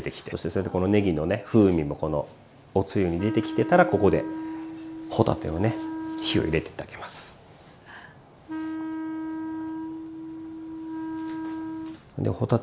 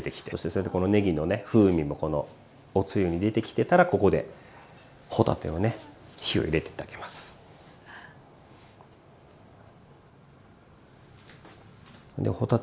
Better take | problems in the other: second | background sound (Wind instrument, woodwind instrument); 7 dB below the speech

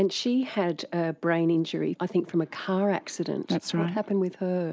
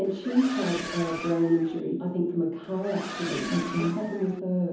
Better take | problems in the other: first | background sound (Accelerating, revving, vroom); 11 dB below the speech // room echo; dies away in 0.7 s

